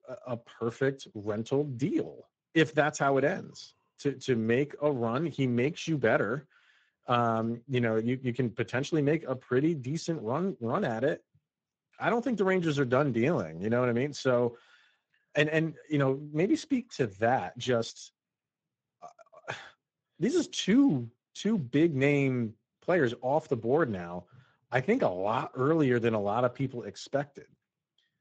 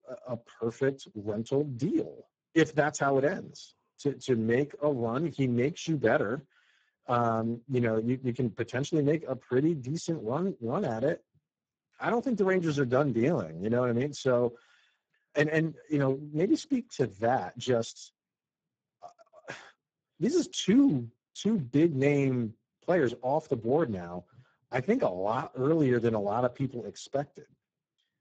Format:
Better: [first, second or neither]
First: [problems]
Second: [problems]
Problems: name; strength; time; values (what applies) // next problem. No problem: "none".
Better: first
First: garbled, watery; slightly; nothing above 7.5 kHz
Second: garbled, watery; badly; nothing above 7.5 kHz